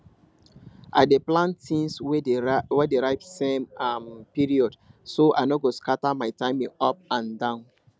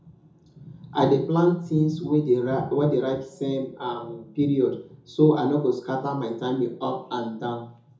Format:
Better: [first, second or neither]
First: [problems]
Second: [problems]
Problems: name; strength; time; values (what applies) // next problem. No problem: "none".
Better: first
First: none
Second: room echo; dies away in 0.6 s